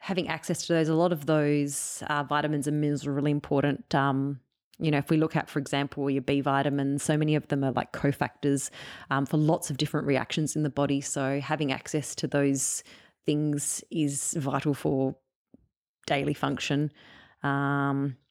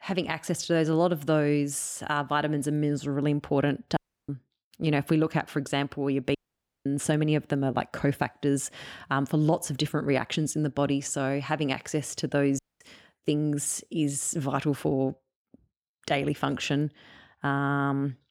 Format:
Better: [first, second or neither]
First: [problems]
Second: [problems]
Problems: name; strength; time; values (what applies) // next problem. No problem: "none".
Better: first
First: none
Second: audio cutting out; at 4 s, at 6.5 s for 0.5 s and at 13 s